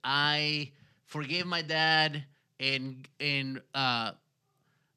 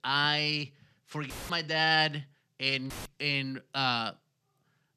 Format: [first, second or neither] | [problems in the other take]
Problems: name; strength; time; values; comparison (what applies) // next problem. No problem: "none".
first | audio cutting out; filled with static; at 1.5 s and at 3 s